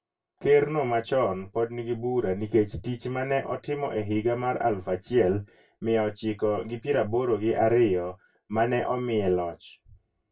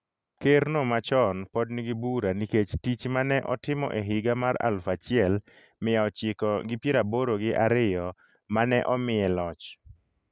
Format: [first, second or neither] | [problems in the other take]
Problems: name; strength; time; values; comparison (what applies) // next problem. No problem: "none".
second | room echo; dies away in 0.2 s